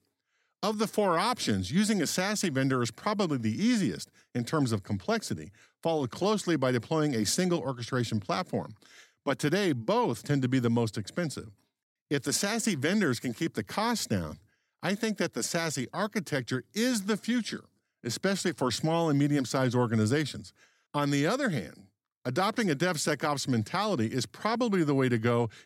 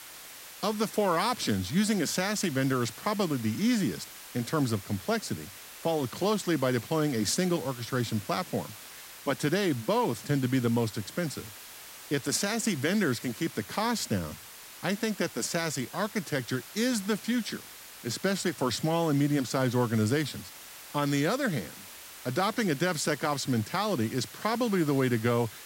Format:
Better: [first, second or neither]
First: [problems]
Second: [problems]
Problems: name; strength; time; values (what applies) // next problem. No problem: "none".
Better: first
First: none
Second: hiss; noticeable; throughout; 15 dB below the speech